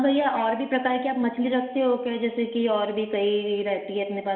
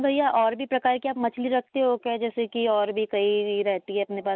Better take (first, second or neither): second